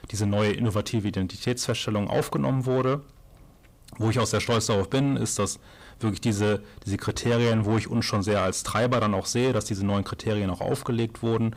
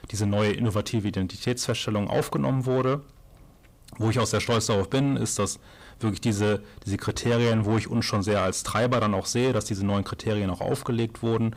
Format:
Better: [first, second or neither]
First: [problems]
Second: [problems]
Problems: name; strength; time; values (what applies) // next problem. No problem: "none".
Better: neither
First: distortion; slight; 10 dB below the speech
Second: distortion; slight; 10 dB below the speech